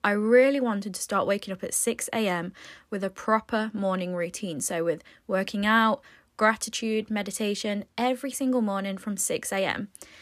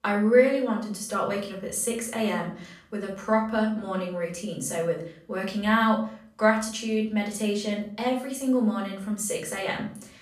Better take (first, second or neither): first